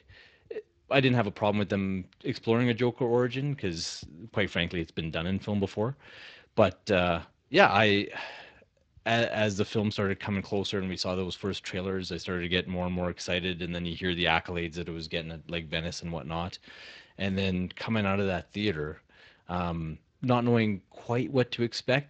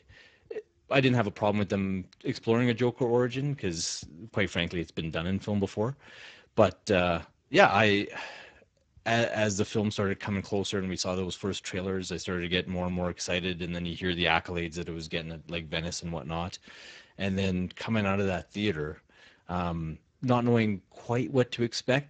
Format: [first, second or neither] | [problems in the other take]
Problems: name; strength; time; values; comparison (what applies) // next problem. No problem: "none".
first | garbled, watery; badly; nothing above 7.5 kHz; slightly in the first